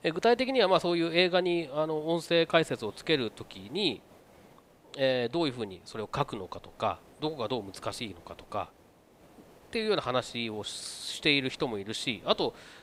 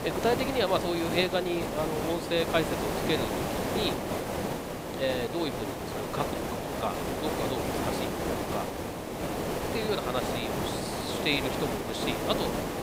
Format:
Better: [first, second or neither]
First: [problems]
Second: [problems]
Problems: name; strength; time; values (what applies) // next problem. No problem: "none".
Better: first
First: hiss; faint; throughout; 25 dB below the speech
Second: hiss; loud; throughout; as loud as the speech